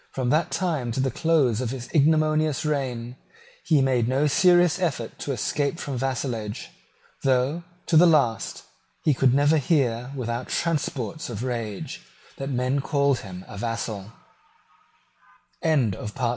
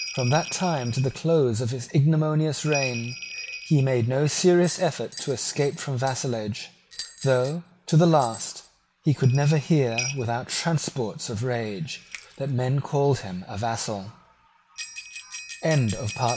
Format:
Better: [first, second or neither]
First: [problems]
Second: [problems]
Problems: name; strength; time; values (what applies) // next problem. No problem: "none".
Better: first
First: none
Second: background sound (Bell); 15 dB below the speech